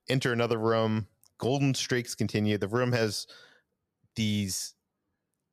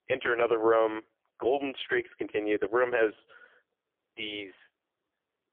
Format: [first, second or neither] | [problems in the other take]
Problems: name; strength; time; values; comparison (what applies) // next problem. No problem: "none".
first | phone-call audio; poor line; nothing above 3.5 kHz